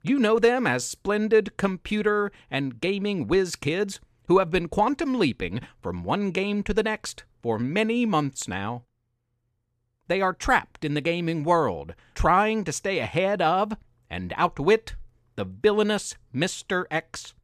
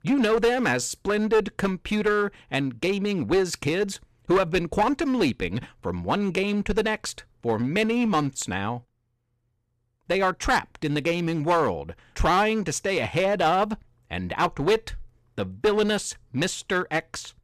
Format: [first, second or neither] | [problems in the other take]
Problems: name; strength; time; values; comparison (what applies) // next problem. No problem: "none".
first | distortion; slight; 7% of the sound clipped